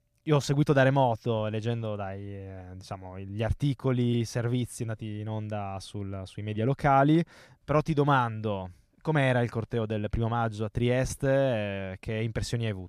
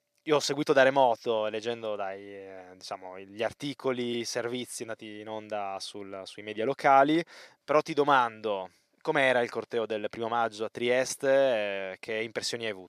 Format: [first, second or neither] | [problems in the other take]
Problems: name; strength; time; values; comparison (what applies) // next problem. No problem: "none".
first | thin; somewhat; fading below 450 Hz